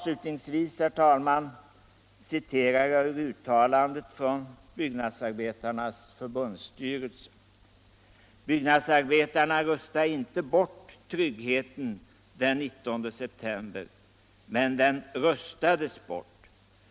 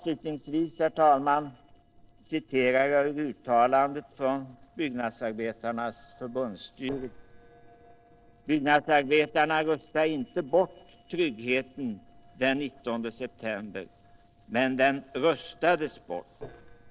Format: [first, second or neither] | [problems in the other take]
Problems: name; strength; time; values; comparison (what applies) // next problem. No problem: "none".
first | noise reduction (neural separator model SepFormer DNS4)